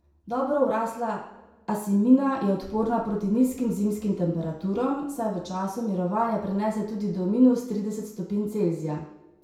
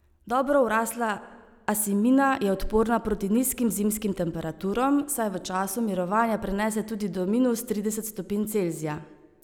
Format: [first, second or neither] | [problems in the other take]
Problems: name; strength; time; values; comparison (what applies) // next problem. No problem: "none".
second | room echo; dies away in 0.6 s